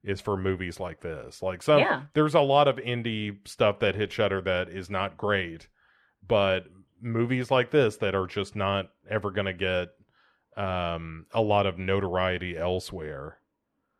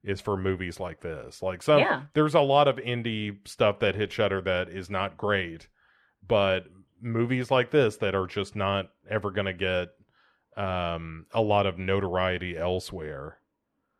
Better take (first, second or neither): neither